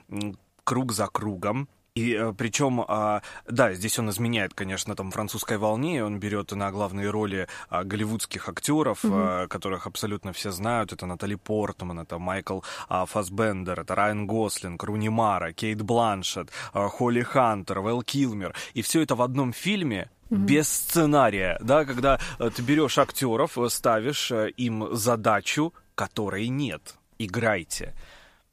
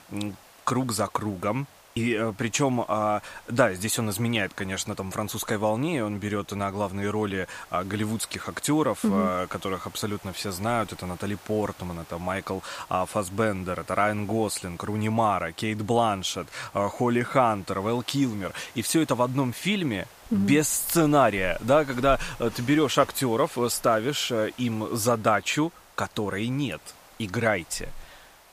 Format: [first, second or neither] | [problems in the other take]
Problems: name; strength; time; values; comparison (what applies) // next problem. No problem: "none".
first | hiss; faint; throughout; 25 dB below the speech